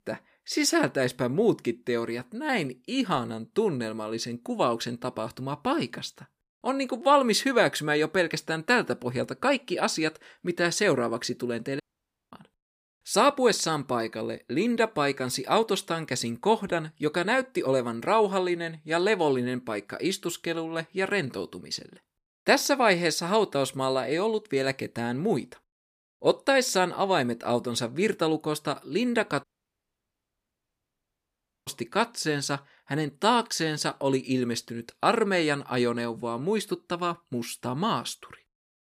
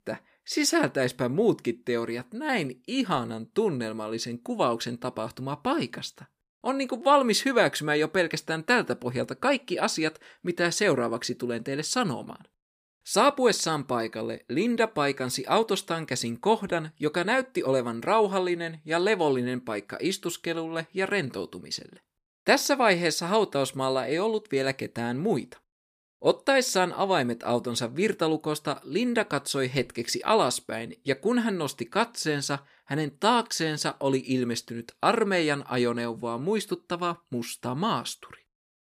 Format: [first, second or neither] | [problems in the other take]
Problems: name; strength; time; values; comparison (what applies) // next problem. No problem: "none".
second | audio cutting out; at 12 s for 0.5 s and at 29 s for 2 s